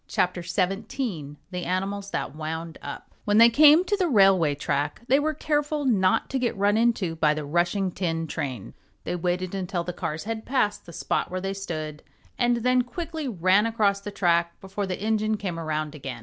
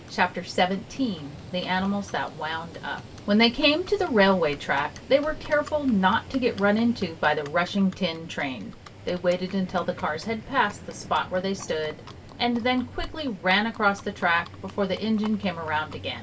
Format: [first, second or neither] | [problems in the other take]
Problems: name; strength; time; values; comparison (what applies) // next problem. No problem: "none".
first | background sound (Livestock, farm animals, working animals); 17 dB below the speech // room echo; dies away in 0.1 s